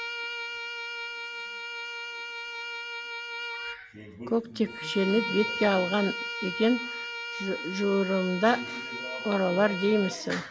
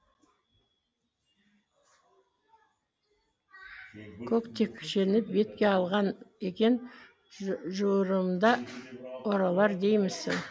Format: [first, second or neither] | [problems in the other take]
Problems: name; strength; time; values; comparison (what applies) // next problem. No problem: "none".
second | background sound (Bowed string instrument); 7 dB below the speech